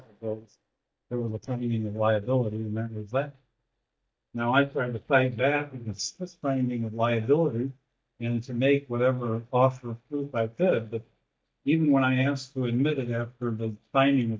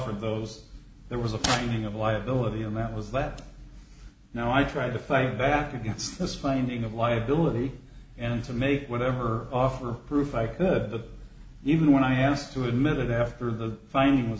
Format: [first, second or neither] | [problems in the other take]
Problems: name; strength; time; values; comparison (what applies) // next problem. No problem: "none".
second | noise reduction (neural mask model DeepFilterNet 3)